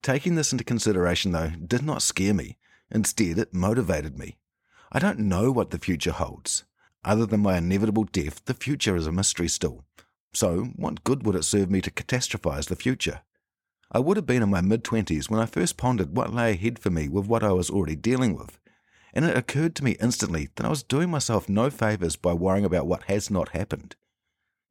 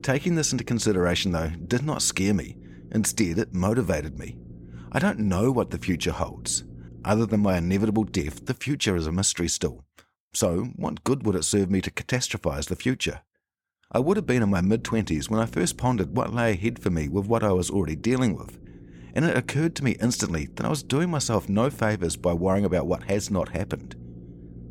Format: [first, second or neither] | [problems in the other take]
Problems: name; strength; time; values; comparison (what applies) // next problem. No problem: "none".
first | low rumble; faint; until 8.5 s and from 14 s on; 25 dB below the speech